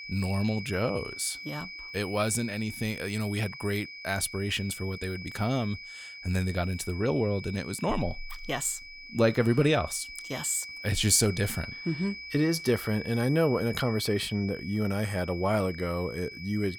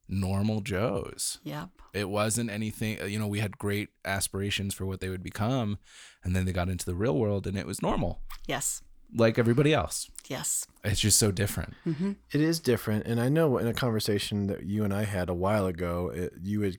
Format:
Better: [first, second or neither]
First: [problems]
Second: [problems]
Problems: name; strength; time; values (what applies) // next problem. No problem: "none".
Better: second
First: high-pitched whine; noticeable; throughout; 2.5 kHz, 10 dB below the speech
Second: none